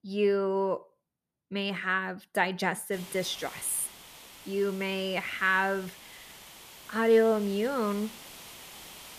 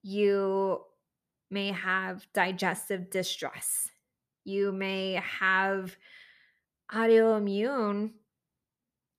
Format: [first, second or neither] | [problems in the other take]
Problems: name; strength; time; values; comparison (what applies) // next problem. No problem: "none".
second | hiss; noticeable; from 3 s on; 15 dB below the speech